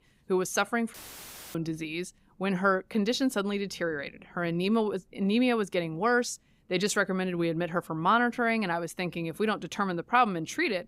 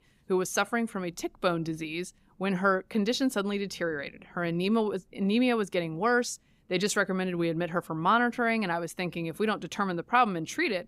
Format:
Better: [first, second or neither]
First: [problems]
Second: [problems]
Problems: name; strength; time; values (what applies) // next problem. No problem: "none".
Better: second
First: audio cutting out; filled with static; at 1 s for 0.5 s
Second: none